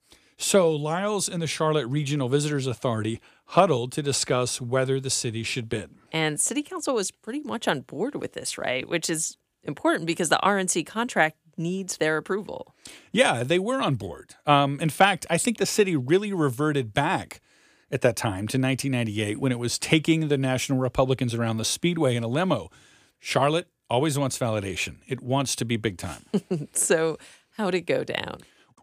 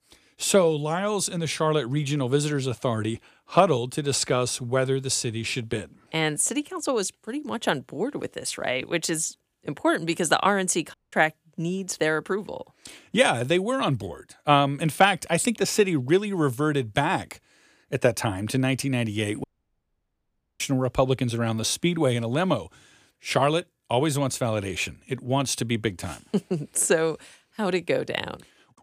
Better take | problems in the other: first | audio cutting out; at 11 s and at 19 s for 1 s

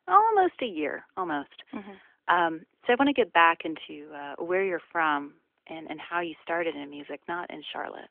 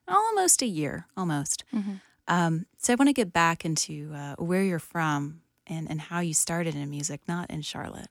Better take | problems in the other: second | phone-call audio; nothing above 3 kHz

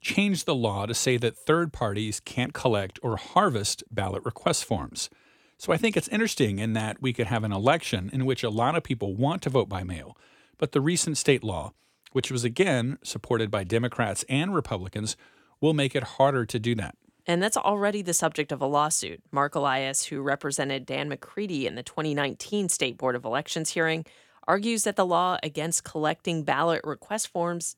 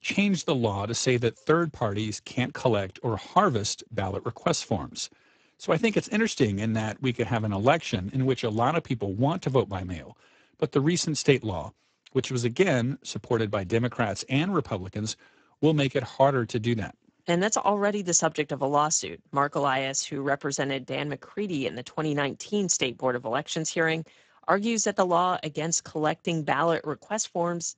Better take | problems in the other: first | garbled, watery; badly; nothing above 7.5 kHz

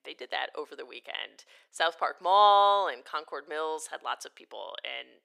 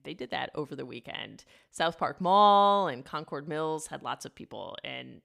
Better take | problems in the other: second | thin; very; fading below 400 Hz

